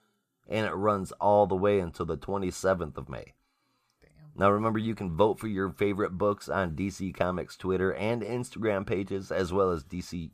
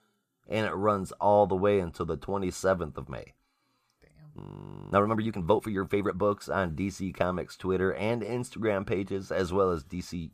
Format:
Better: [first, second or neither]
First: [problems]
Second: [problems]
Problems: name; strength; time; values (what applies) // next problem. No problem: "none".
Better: first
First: none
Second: audio freezing; at 4.5 s for 0.5 s